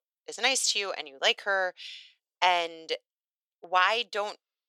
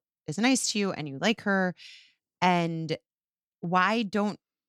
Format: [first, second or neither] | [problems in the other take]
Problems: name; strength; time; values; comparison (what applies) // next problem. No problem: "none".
second | thin; very; fading below 500 Hz